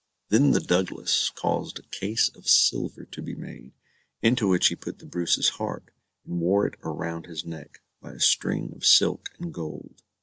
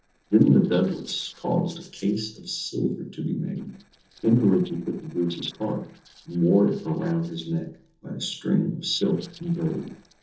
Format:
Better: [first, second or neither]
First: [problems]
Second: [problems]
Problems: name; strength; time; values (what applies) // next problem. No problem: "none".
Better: first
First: none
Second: noise reduction (neural separator model SepFormer DNS4)